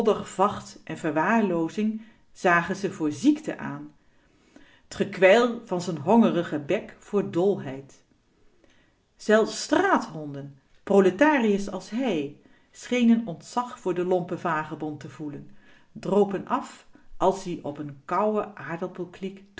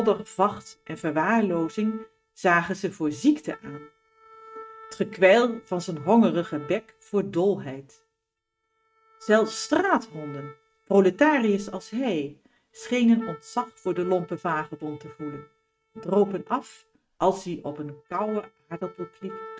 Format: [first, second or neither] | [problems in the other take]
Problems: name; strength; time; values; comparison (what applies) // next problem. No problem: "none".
first | noise reduction (neural mask model RNNoise)